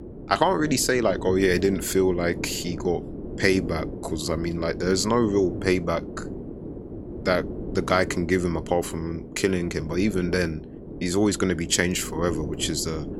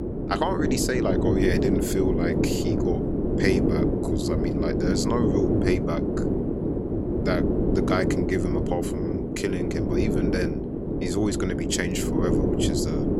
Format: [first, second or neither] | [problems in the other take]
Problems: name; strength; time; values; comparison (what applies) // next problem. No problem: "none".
first | wind noise on the microphone; heavy; 1 dB above the speech; occasional gusts in the first